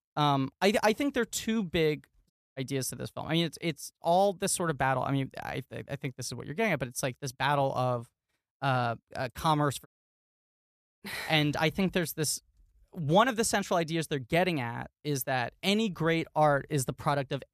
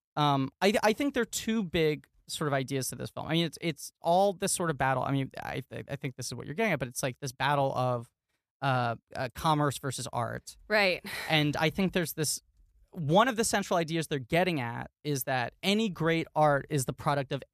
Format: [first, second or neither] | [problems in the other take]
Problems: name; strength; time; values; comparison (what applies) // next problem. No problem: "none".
second | audio cutting out; at 2.5 s and at 10 s for 1 s